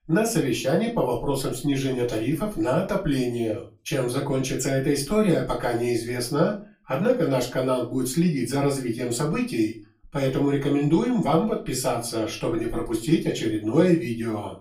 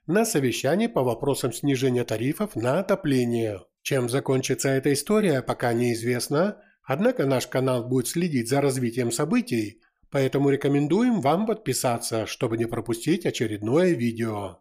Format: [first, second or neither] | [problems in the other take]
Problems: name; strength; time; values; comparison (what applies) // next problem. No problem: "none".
second | off-mic speech; far // room echo; very slight; dies away in 0.3 s